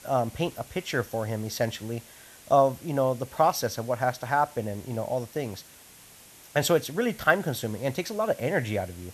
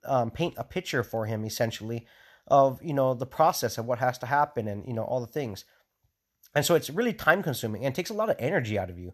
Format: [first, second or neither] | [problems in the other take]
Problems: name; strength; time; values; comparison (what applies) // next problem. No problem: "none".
second | hiss; faint; throughout; 20 dB below the speech